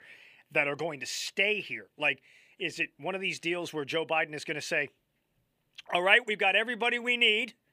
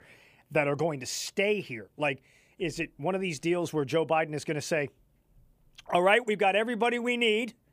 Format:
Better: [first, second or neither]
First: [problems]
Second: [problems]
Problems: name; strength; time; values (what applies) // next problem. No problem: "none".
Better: second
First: thin; very slightly; fading below 500 Hz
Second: none